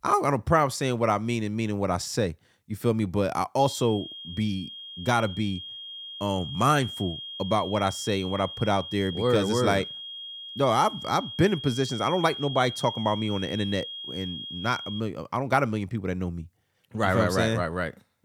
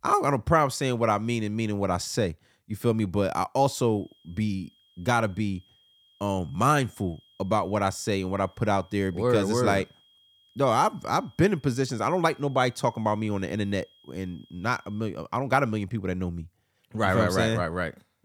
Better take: second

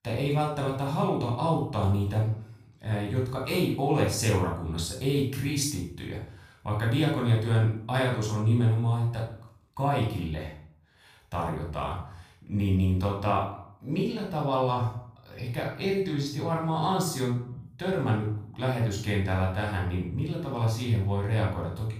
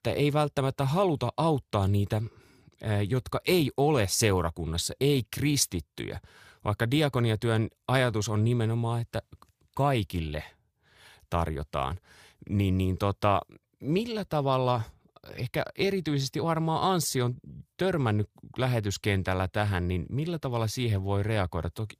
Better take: second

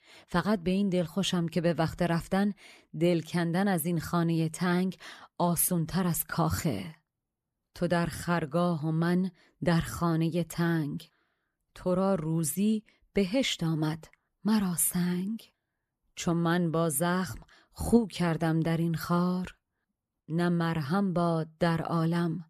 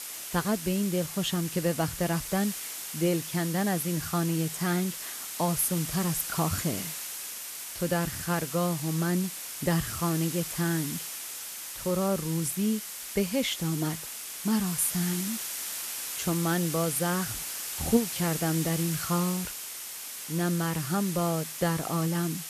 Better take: first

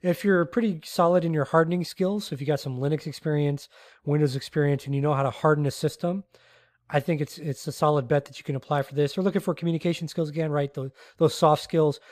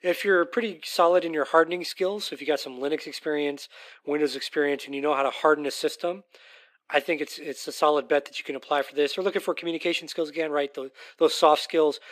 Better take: first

